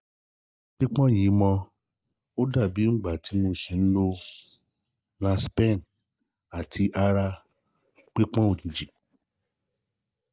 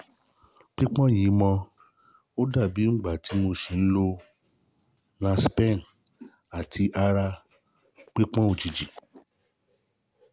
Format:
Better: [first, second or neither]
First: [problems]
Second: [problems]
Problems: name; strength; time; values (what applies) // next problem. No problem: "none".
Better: second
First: noise reduction (neural mask model DeepFilterNet 3)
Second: none